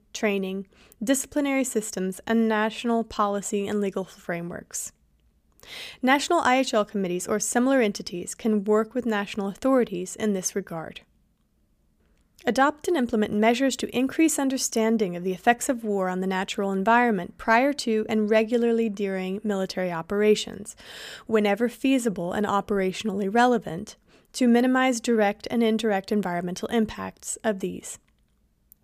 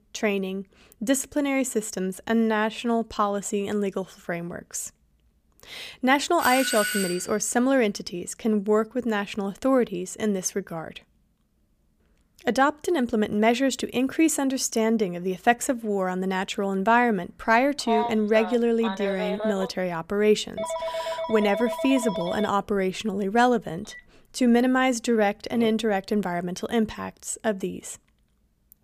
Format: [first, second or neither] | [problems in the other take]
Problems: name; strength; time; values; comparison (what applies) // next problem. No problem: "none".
first | doorbell; noticeable; at 6.5 s; peak 1 dB below the speech // phone ringing; noticeable; from 18 to 26 s; peak 3 dB below the speech